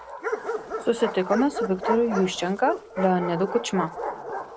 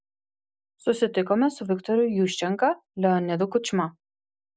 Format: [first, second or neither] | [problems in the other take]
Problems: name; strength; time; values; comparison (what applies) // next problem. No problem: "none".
second | background sound (Bark); 6 dB below the speech